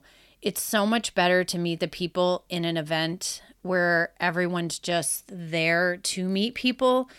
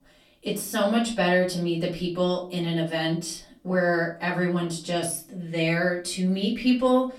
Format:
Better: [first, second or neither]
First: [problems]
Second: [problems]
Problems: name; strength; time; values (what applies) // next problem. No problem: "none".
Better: first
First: none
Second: off-mic speech; far // room echo; slight; dies away in 0.3 s